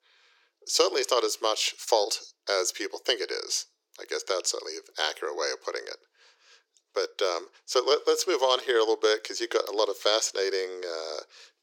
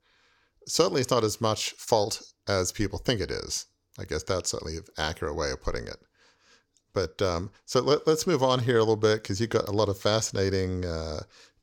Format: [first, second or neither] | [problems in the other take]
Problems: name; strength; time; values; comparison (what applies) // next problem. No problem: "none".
second | thin; very; fading below 350 Hz